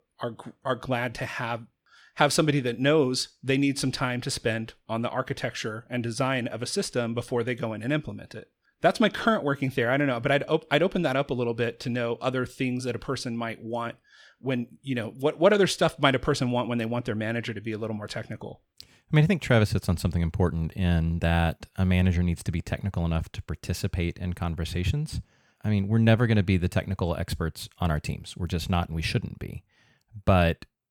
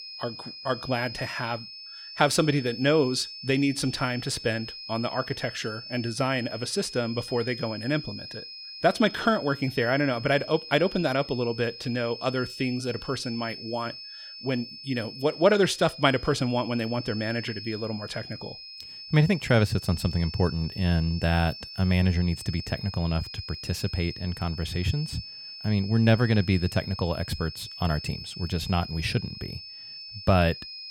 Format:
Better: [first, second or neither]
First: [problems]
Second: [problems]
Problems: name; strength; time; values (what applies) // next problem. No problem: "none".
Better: first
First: none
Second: high-pitched whine; noticeable; throughout; 5 kHz, 10 dB below the speech